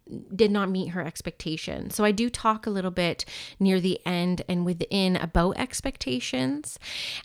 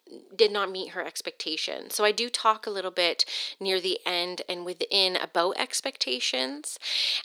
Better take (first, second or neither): first